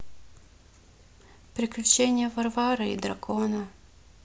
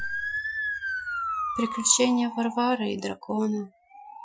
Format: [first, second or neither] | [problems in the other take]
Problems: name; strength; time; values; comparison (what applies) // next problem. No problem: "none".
first | noise reduction (classical method Wiener filter)